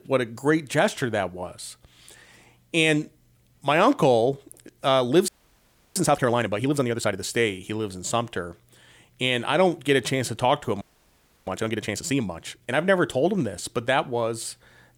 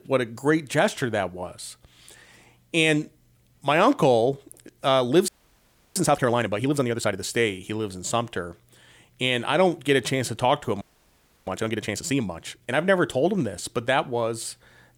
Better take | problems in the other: neither | audio freezing; at 5.5 s for 0.5 s and at 11 s for 0.5 s; the same in both

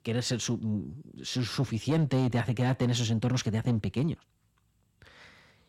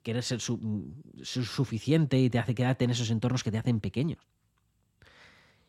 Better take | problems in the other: second | distortion; slight; 10 dB below the speech

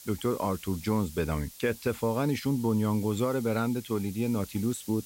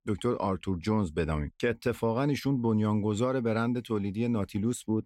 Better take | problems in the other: second | hiss; noticeable; throughout; 15 dB below the speech

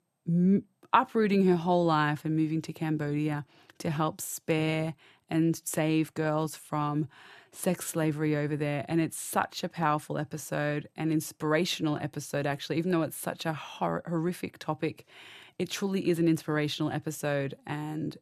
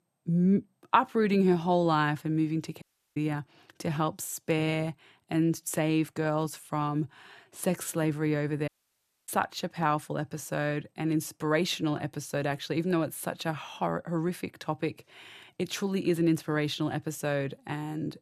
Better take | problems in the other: first | audio cutting out; at 3 s and at 8.5 s for 0.5 s

